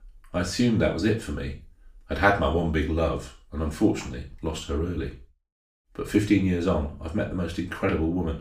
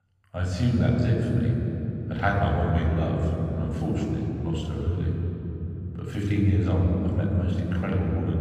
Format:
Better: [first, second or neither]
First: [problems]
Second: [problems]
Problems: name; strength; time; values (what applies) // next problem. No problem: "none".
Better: first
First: room echo; slight; dies away in 0.3 s // off-mic speech; far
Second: room echo; strong; dies away in 3 s // off-mic speech; far